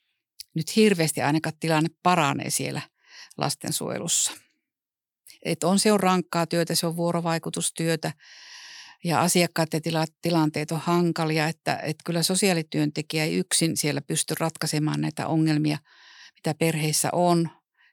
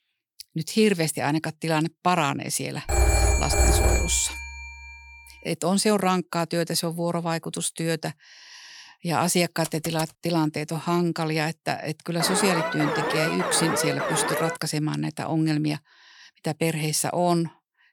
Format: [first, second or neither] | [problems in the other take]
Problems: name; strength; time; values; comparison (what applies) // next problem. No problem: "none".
first | phone ringing; loud; from 3 to 4.5 s; peak 5 dB above the speech // keyboard typing; noticeable; at 9.5 s; peak 10 dB below the speech // alarm; noticeable; from 12 to 15 s; peak level with the speech